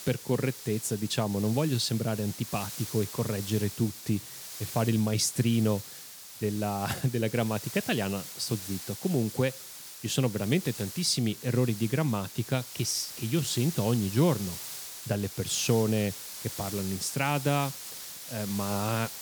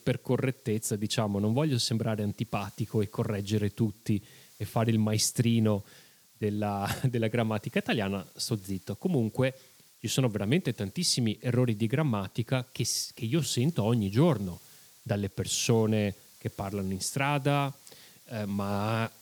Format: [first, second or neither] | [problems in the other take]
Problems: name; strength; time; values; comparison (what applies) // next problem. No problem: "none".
second | hiss; loud; throughout; 10 dB below the speech; faint in the second